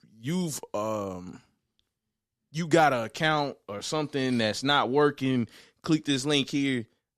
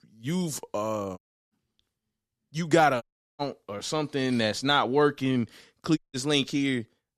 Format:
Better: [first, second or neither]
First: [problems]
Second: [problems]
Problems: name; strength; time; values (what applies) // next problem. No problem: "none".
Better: first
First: none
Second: audio cutting out; at 1 s, at 3 s and at 6 s